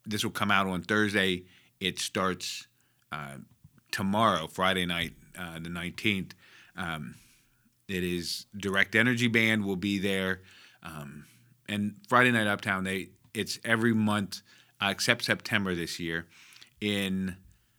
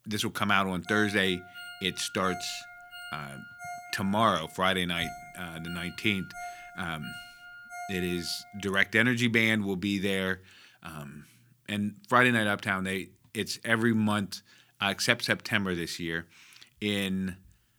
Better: first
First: none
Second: phone ringing; faint; from 1 to 9 s; peak 15 dB below the speech

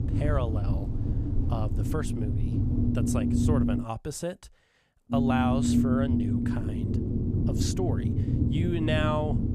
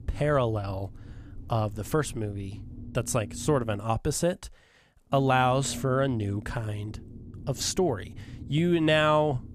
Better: second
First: low rumble; loud; until 4 s and from 5 s on; 2 dB below the speech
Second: low rumble; faint; until 4 s and from 5 s on; 25 dB below the speech

